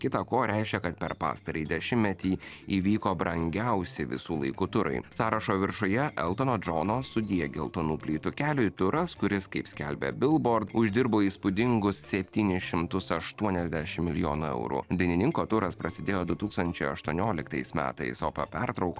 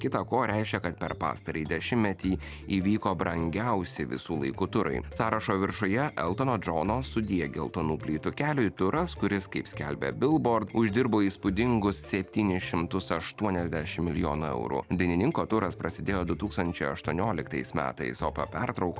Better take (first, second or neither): second